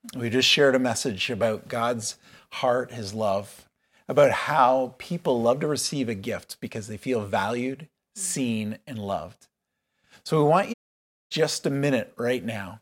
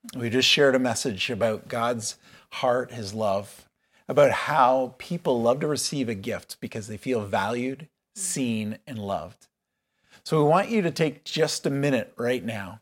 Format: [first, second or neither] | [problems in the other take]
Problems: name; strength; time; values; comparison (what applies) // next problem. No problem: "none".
second | audio cutting out; at 11 s for 0.5 s